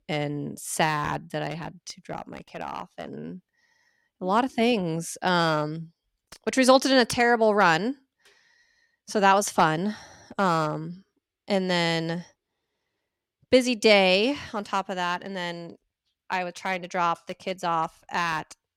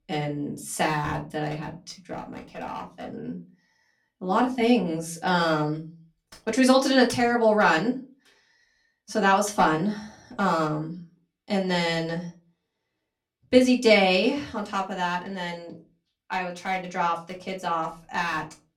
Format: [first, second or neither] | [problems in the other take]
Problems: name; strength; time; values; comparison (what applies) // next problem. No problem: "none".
first | off-mic speech; far // room echo; very slight; dies away in 0.2 s